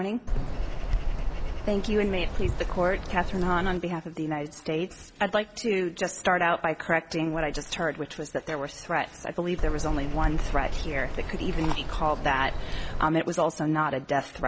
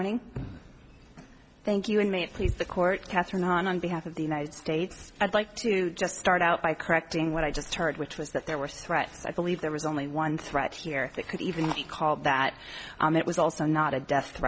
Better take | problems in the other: second | background sound (Bird vocalization, bird call, bird song); as loud as the speech

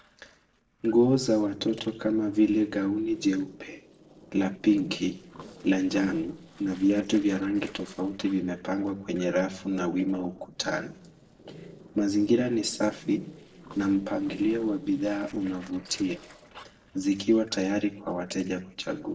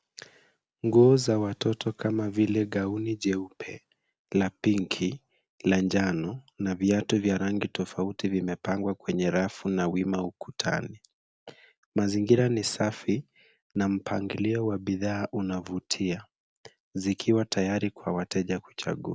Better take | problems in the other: second | noise reduction (neural separator model SepFormer DNS4)

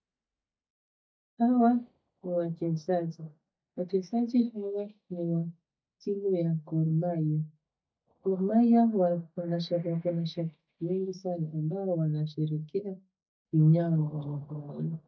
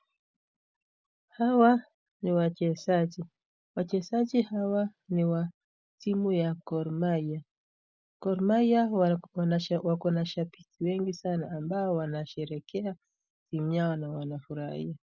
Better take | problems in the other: second | noise reduction (neural mask model DeepFilterNet 3)

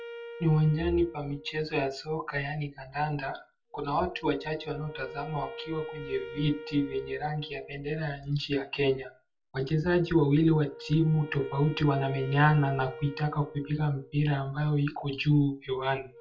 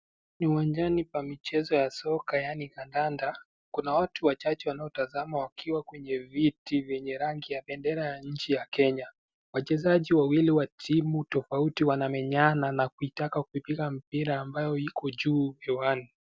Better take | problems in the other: second | background sound (Wind instrument, woodwind instrument); 17 dB below the speech // room echo; dies away in 0.2 s

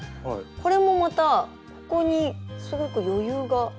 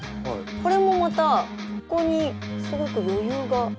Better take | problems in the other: first | background sound (Electric guitar); 8 dB below the speech

